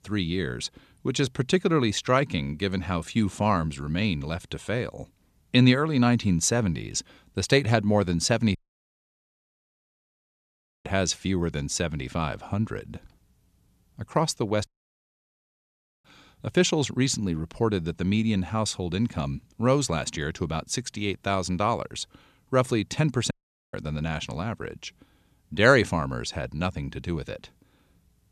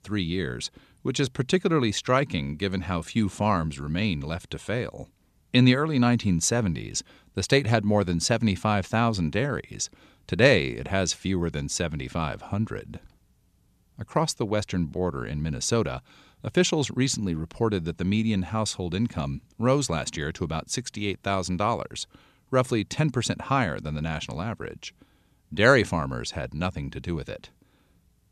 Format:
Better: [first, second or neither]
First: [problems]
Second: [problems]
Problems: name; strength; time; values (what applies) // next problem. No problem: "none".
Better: second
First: audio cutting out; at 8.5 s for 2.5 s, at 15 s for 1.5 s and at 23 s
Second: none